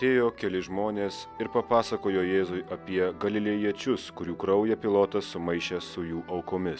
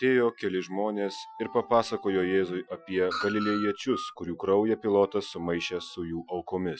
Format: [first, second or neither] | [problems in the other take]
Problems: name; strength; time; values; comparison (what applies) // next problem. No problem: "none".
first | noise reduction (classical method Wiener filter)